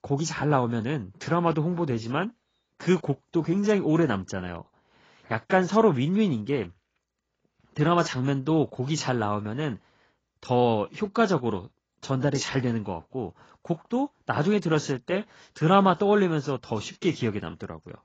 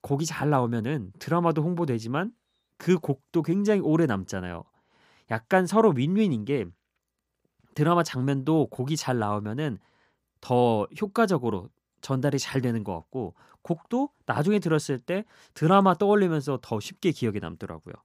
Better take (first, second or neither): second